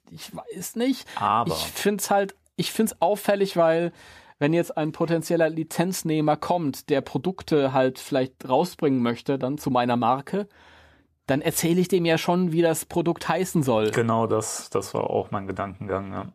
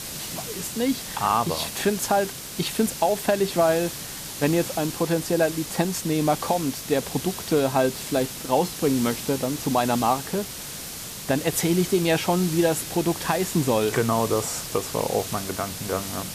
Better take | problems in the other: first | hiss; loud; throughout; 8 dB below the speech

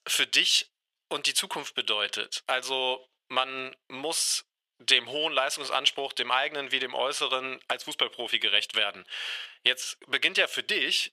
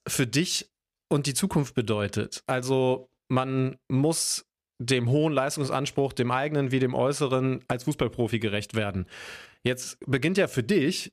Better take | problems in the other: second | thin; very; fading below 750 Hz

